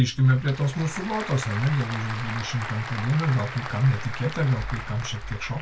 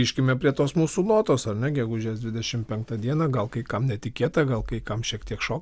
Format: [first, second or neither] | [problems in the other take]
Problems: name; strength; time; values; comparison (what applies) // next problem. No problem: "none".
second | background sound (Applause / Crowd); 11 dB below the speech // room echo; dies away in 0.2 s